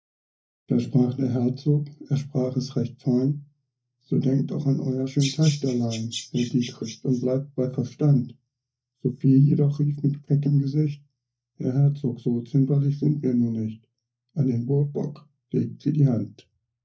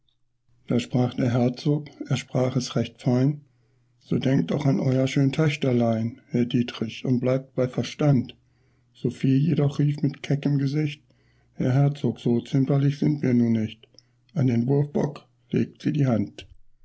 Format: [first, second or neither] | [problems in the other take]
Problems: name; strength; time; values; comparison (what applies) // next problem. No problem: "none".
second | noise reduction (neural mask model DeepFilterNet 3)